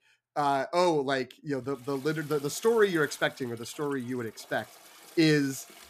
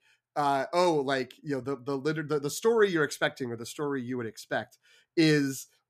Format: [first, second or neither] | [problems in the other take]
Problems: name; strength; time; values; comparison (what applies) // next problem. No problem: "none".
second | household noises; faint; from 2 s on; 20 dB below the speech